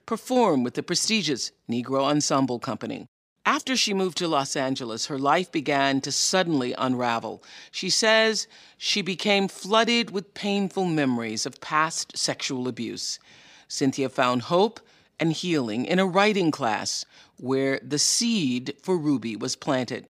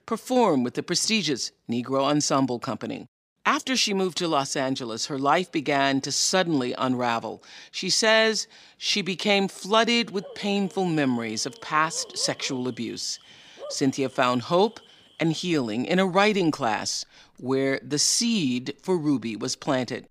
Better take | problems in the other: first | animal sounds; faint; from 10 s on; 25 dB below the speech

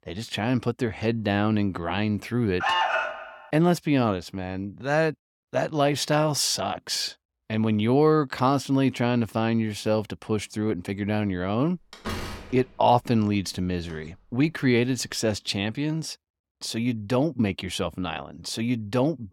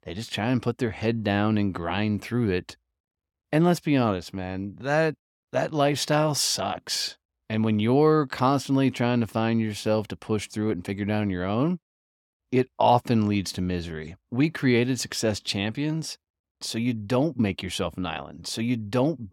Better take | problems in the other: second | alarm; loud; at 2.5 s; peak 3 dB above the speech // door banging; noticeable; from 12 to 14 s; peak 8 dB below the speech

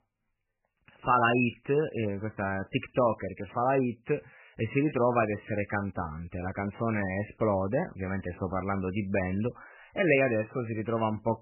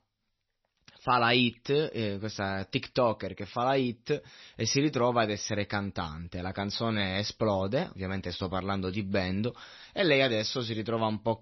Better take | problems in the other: second | garbled, watery; badly; nothing above 3 kHz; slightly in the second

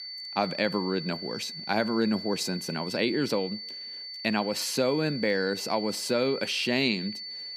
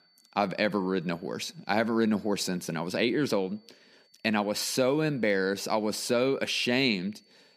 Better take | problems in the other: second | high-pitched whine; loud; throughout; 4.5 kHz, 8 dB below the speech; faint in the second

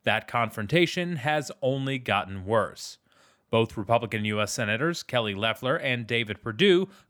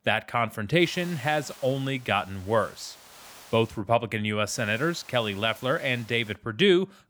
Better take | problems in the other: first | hiss; faint; from 1 to 4 s and from 4.5 to 6.5 s; 20 dB below the speech

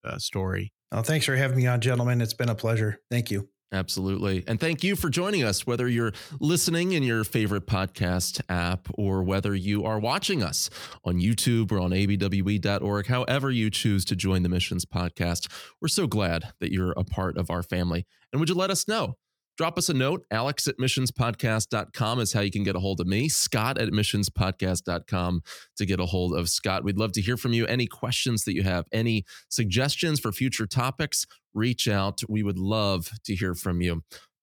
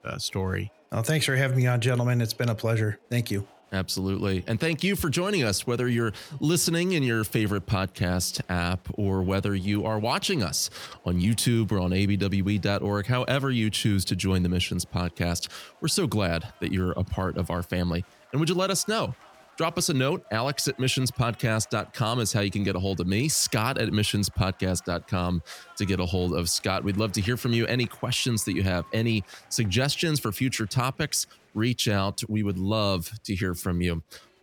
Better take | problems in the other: first | crowd noise; faint; throughout; 30 dB below the speech

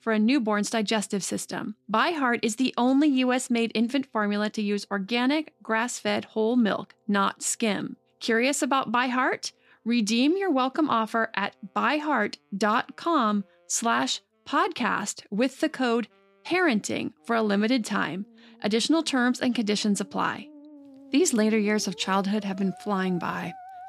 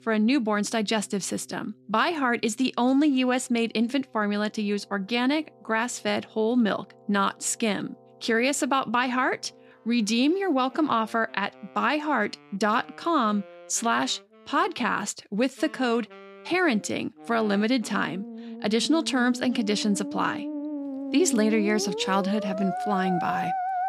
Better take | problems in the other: first | background music; loud; throughout; 9 dB below the speech; faint in the first

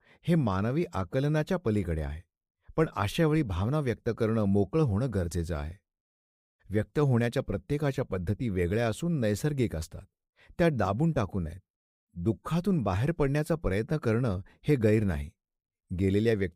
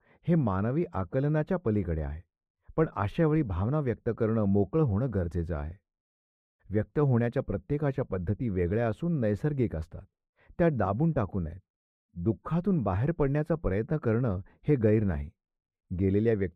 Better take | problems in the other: first | muffled; very; fading above 3 kHz

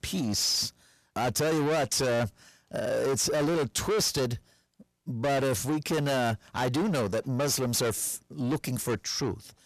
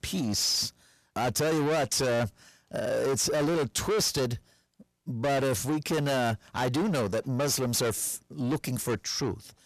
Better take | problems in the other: neither | distortion; heavy; 6 dB below the speech; the same in both

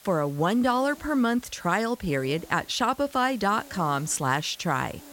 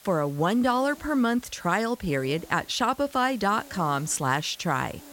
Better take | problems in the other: neither | hiss; faint; throughout; 20 dB below the speech; the same in both

